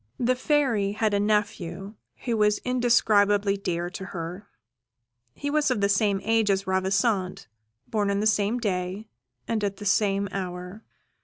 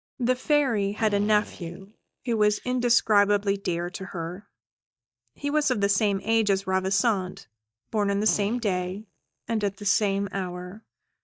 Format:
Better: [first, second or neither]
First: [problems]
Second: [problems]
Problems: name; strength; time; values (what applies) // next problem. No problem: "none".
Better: first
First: none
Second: noise reduction (neural mask model DeepFilterNet 3)